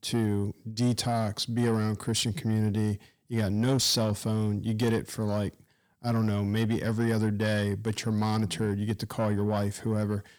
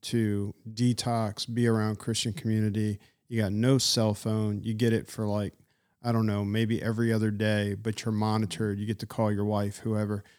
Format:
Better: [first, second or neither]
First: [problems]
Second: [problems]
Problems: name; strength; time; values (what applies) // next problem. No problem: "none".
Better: second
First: distortion; slight; 10 dB below the speech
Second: none